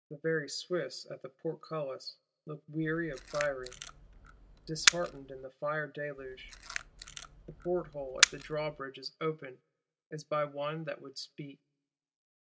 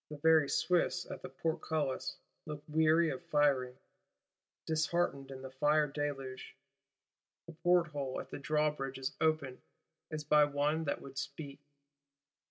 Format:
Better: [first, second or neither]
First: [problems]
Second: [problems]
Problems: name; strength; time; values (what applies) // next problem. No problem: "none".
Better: second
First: background sound (Camera); 3 dB above the speech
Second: none